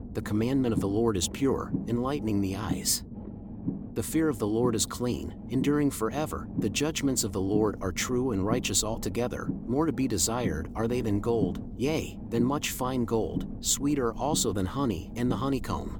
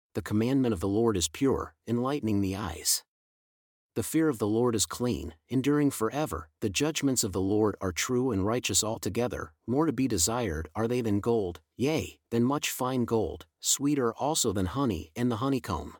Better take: second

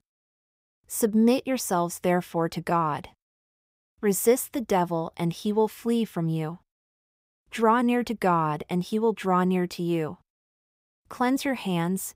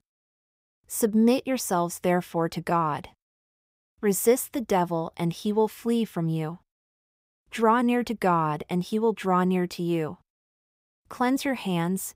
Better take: neither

